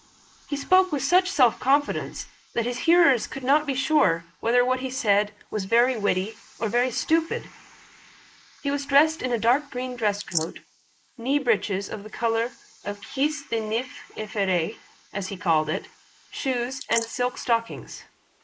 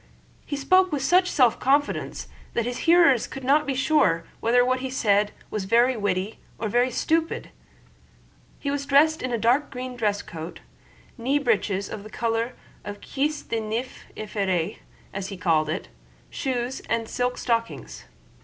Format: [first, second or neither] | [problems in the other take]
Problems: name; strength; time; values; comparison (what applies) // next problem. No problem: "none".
second | noise reduction (neural mask model Resemble Enhance denoiser)